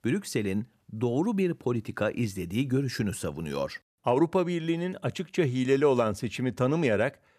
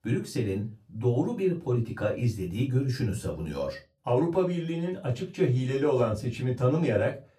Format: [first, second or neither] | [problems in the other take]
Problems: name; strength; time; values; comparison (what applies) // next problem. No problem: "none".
first | off-mic speech; far // room echo; very slight; dies away in 0.2 s